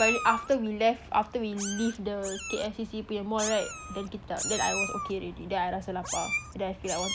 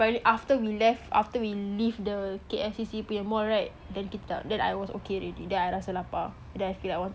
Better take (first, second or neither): second